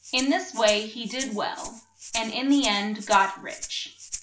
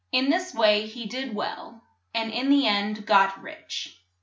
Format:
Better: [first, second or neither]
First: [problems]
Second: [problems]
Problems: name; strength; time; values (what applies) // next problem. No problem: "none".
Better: second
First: background sound (Rattle (instrument)); 13 dB below the speech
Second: none